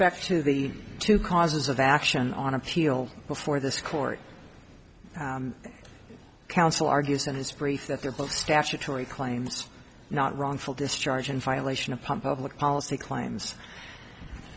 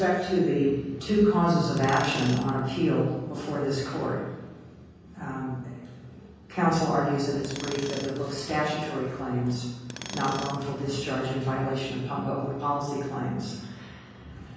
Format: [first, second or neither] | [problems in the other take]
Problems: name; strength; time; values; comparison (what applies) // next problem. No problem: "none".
first | background sound (Tools); 13 dB below the speech // room echo; dies away in 1.3 s